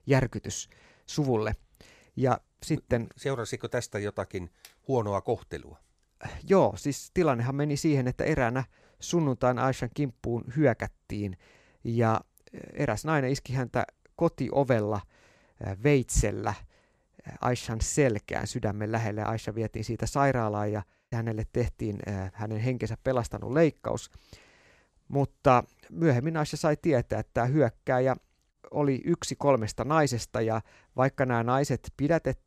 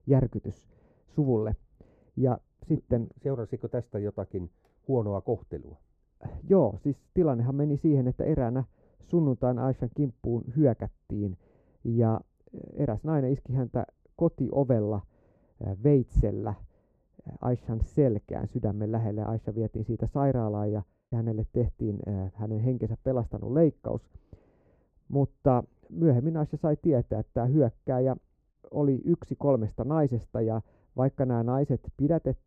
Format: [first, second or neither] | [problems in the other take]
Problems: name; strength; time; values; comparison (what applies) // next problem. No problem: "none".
first | muffled; very; fading above 1.5 kHz